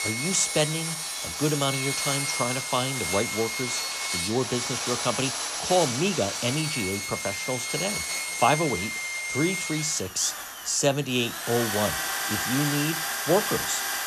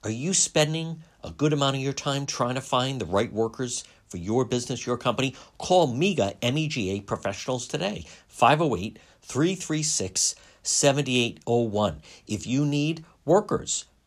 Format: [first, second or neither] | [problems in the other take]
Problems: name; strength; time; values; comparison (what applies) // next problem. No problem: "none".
second | machinery noise; loud; throughout; 1 dB below the speech